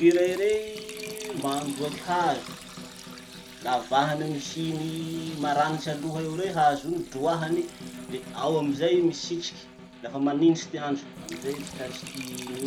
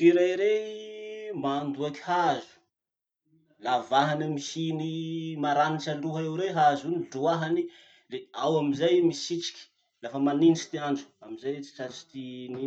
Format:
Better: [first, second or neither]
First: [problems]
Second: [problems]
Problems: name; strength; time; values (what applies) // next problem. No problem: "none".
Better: second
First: background sound (Liquid + Snare drum); 14 dB below the speech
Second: none